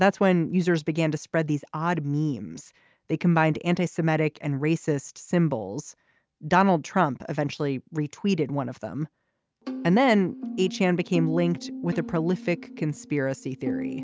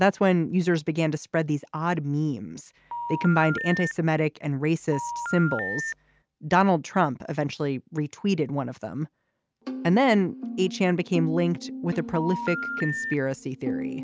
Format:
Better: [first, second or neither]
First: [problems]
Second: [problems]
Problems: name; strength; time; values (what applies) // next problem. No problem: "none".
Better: first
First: none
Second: background sound (Telephone); 7 dB below the speech